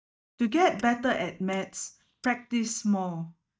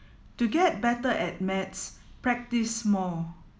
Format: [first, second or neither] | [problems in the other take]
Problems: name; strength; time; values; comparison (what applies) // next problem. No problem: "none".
second | noise reduction (neural mask model DeepFilterNet 3)